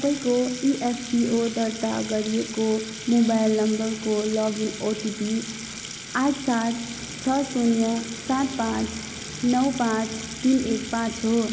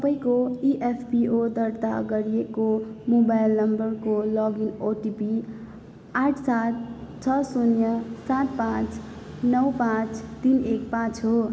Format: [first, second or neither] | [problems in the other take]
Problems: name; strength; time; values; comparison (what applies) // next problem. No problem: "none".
second | background sound (Sink (filling or washing) / Water tap, faucet); 12 dB below the speech